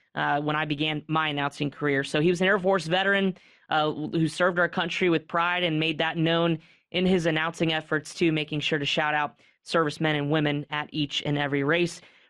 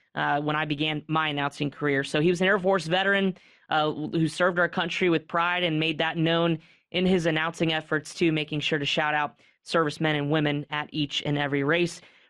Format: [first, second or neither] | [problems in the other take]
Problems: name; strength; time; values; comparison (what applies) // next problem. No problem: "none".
neither | muffled; slightly; fading above 3 kHz; the same in both